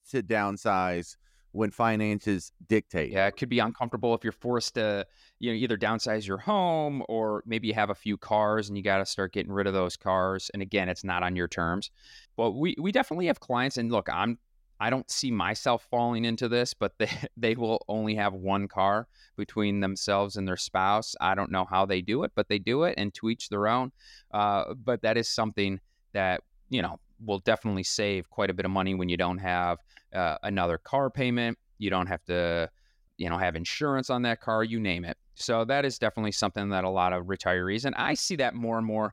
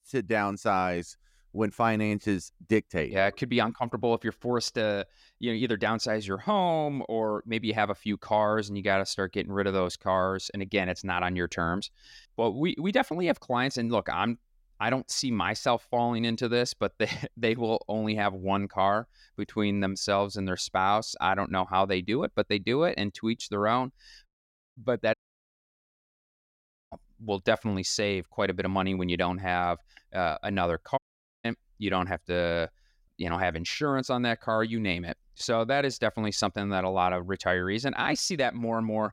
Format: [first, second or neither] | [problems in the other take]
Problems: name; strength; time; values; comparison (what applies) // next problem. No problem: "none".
first | audio cutting out; at 24 s for 0.5 s, at 25 s for 2 s and at 31 s